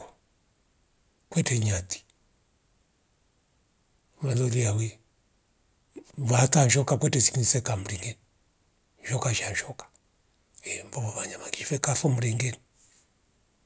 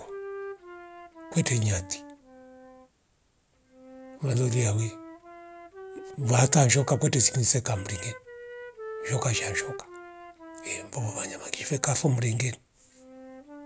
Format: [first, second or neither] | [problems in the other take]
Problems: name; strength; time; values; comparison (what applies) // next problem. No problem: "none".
first | background sound (Wind instrument, woodwind instrument); 15 dB below the speech